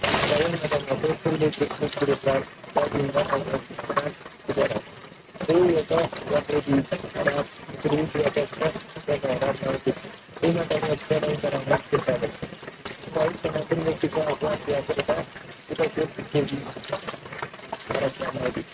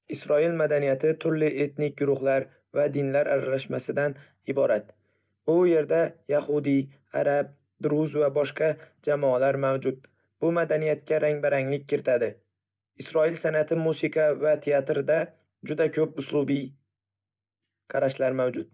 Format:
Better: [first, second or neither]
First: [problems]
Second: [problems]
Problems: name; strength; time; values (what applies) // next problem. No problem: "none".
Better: second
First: noise reduction (neural mask model RNNoise)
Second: none